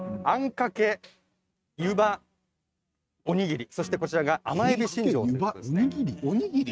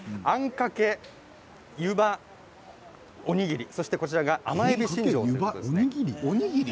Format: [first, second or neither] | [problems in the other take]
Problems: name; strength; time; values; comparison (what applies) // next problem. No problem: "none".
second | noise reduction (neural mask model RNNoise)